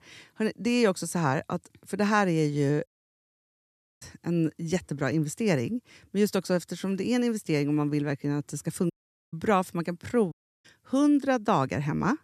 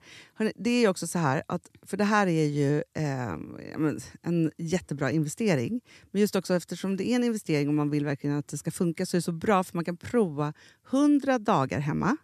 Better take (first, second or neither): second